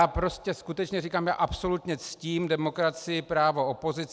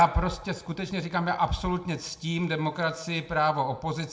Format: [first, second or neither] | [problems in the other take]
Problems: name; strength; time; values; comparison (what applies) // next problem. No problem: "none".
first | room echo; dies away in 0.7 s